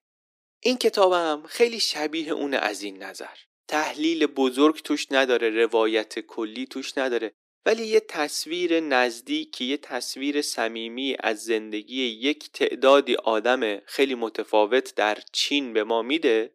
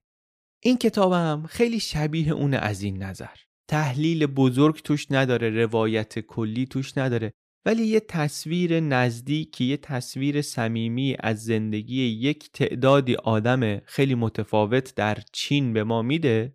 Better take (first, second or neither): second